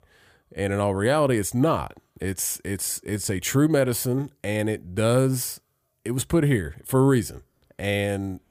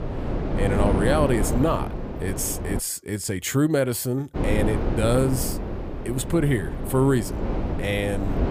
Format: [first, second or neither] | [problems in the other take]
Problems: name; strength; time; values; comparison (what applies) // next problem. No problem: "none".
first | wind noise on the microphone; heavy; until 3 s and from 4.5 s on; 6 dB below the speech